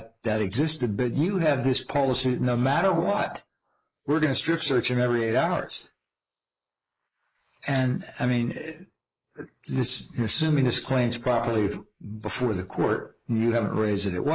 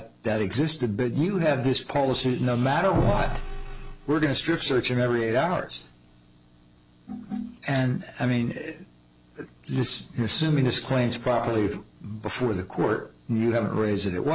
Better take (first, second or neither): second